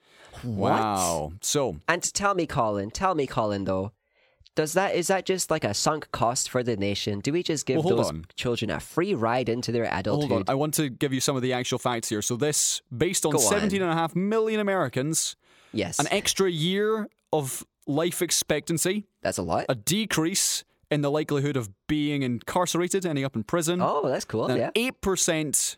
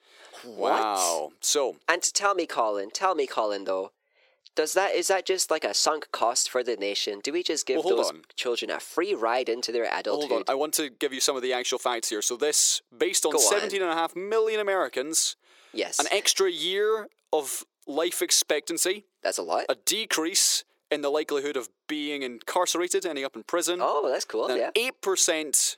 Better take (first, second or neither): first